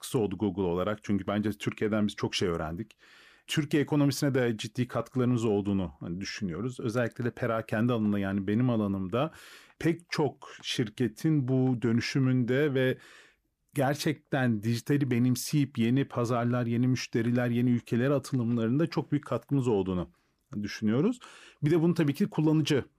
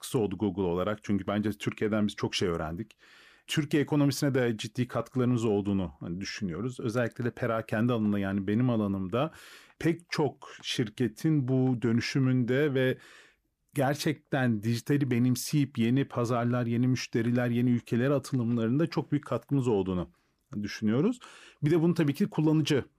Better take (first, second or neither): neither